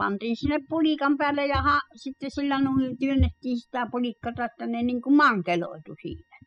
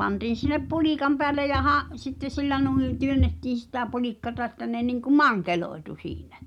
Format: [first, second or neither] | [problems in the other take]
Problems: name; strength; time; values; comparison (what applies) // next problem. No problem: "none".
second | noise reduction (classical method spectral subtraction)